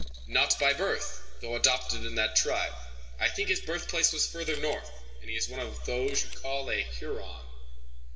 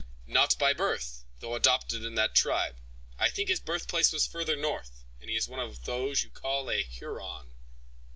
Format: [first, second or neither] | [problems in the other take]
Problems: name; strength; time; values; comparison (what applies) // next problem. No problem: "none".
second | background sound (Camera); 16 dB below the speech // room echo; dies away in 1.4 s